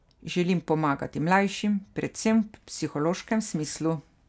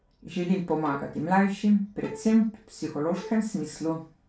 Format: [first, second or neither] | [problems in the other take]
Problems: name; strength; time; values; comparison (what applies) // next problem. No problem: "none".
first | background sound (Bowed string instrument); 20 dB below the speech // room echo; dies away in 0.3 s